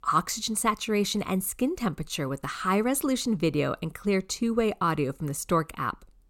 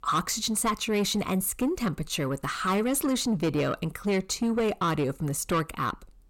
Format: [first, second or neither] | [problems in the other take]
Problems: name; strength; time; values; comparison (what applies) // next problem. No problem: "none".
first | distortion; slight; 10 dB below the speech